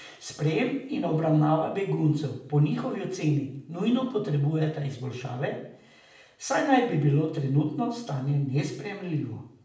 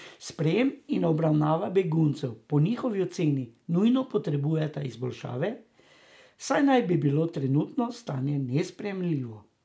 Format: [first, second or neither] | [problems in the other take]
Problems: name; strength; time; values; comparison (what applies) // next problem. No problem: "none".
second | room echo; dies away in 0.6 s